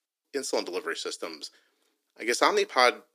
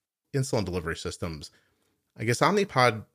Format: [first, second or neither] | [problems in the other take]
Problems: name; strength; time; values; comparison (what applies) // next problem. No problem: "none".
second | thin; somewhat; fading below 300 Hz